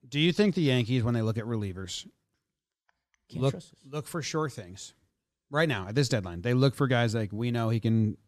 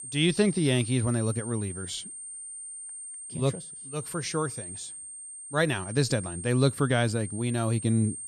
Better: first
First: none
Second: high-pitched whine; loud; throughout; 8.5 kHz, 10 dB below the speech

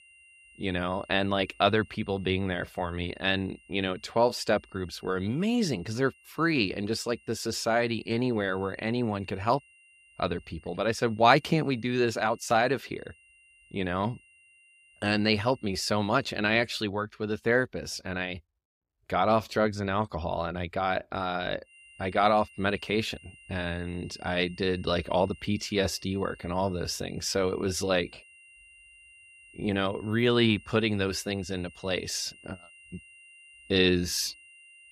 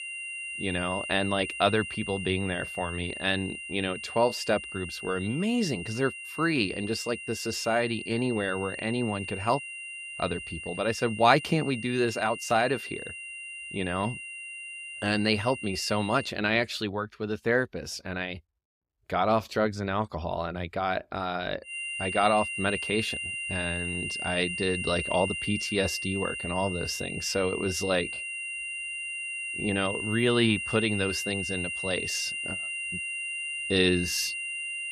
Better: first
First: high-pitched whine; faint; until 16 s and from 22 s on; 3 kHz, 25 dB below the speech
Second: high-pitched whine; loud; until 16 s and from 22 s on; 3 kHz, 5 dB below the speech

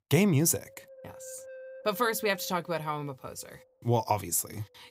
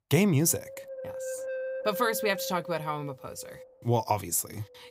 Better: first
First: wind noise on the microphone; occasional gusts; 20 dB below the speech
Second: wind noise on the microphone; heavy; 9 dB below the speech

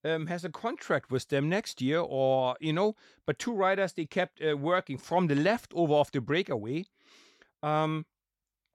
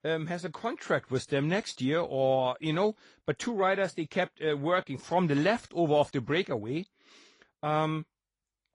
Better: first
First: none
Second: garbled, watery; slightly; nothing above 10.5 kHz

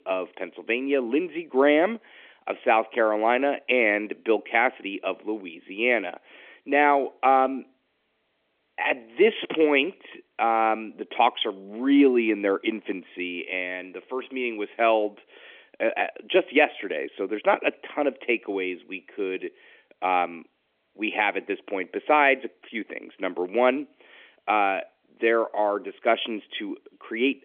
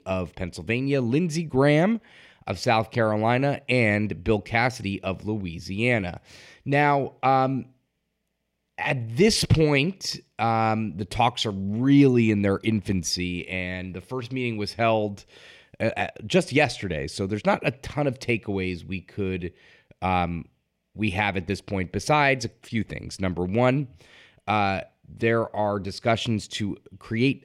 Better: second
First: phone-call audio; nothing above 3.5 kHz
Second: none

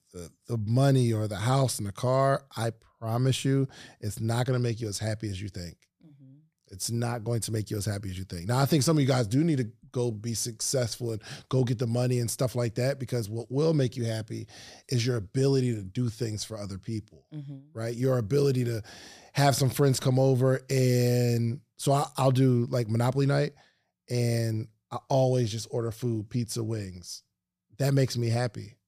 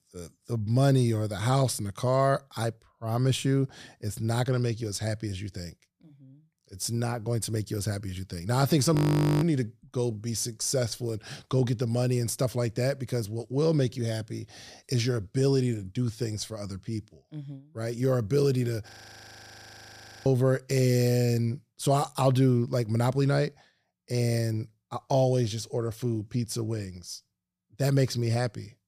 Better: first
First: none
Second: audio freezing; at 9 s and at 19 s for 1.5 s

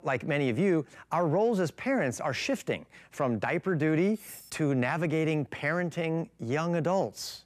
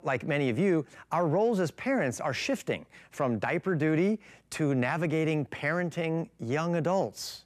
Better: second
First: clattering dishes; faint; at 4 s; peak 15 dB below the speech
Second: none

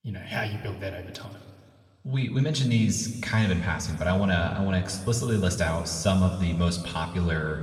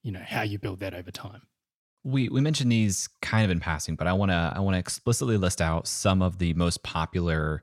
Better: second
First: room echo; noticeable; dies away in 1.8 s // off-mic speech; somewhat distant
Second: none

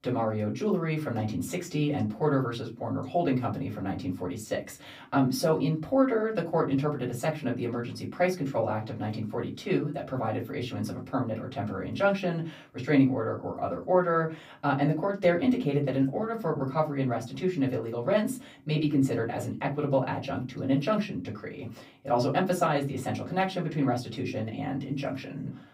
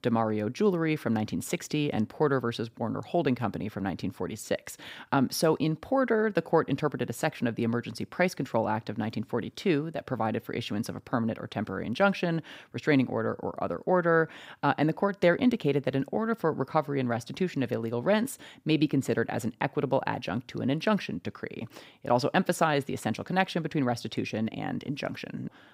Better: second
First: off-mic speech; far // room echo; very slight; dies away in 0.3 s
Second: none

